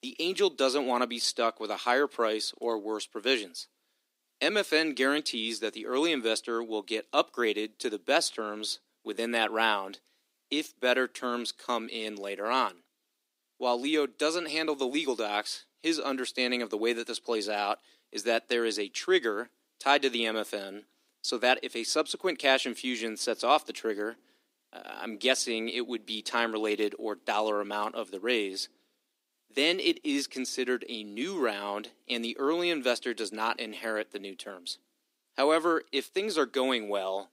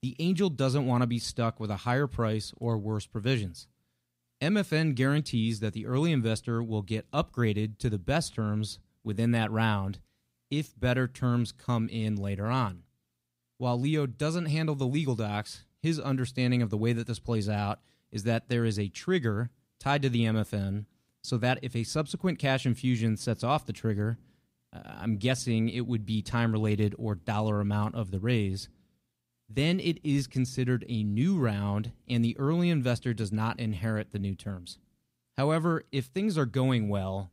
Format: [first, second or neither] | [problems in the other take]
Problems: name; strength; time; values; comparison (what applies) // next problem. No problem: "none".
second | thin; very; fading below 300 Hz